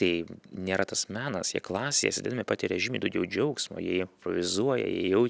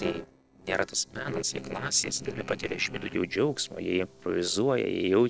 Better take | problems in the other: first | noise reduction (neural separator model SepFormer DNS4)

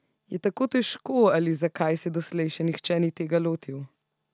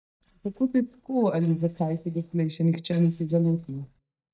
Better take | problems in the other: first | noise reduction (neural mask model DeepFilterNet 3)

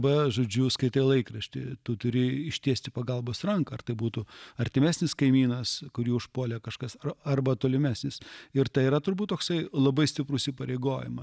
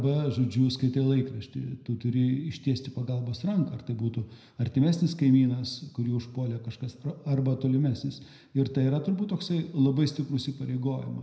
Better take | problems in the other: first | room echo; dies away in 0.7 s

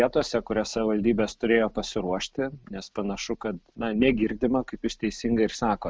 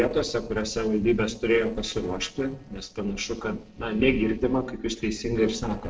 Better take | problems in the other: first | noise reduction (neural separator model SepFormer DNS4)

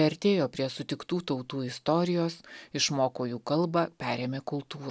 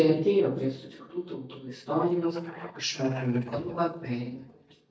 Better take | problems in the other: first | noise reduction (neural mask model DeepFilterNet 3)

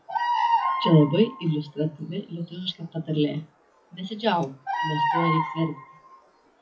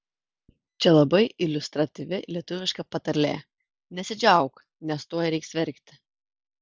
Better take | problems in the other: second | noise reduction (classical method WPE with log-MMSE)

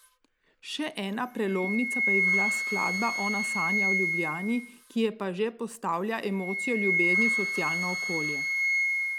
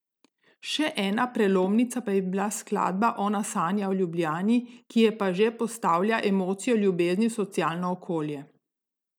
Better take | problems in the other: second | background sound (Wind instrument, woodwind instrument); 2 dB above the speech

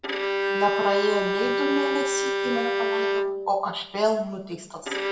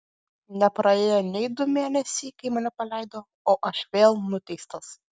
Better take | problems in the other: second | background sound (Bowed string instrument); 2 dB above the speech // room echo; dies away in 0.6 s

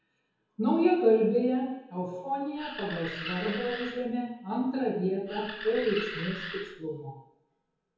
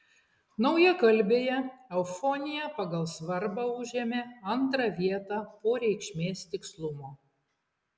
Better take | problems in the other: second | background sound (Animal); 10 dB below the speech // room echo; dies away in 2 s

